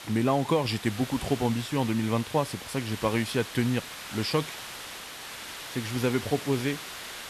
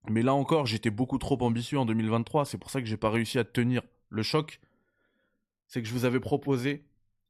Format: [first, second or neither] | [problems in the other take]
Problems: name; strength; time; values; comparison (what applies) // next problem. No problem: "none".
second | hiss; loud; throughout; 10 dB below the speech